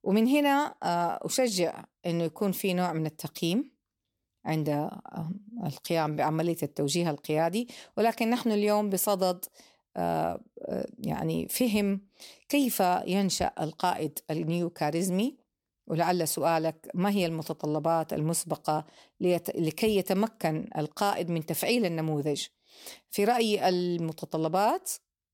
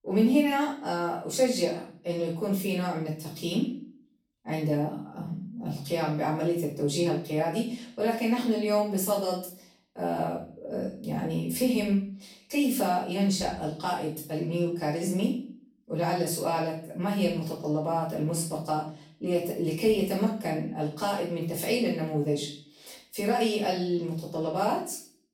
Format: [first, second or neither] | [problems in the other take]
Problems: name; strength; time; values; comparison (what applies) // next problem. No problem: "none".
first | off-mic speech; far // room echo; noticeable; dies away in 0.4 s